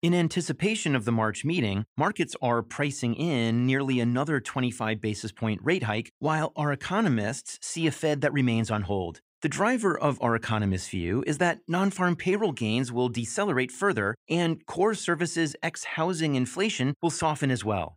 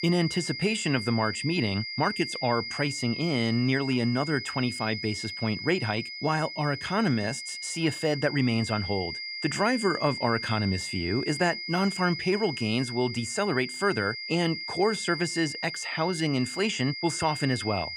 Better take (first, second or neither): first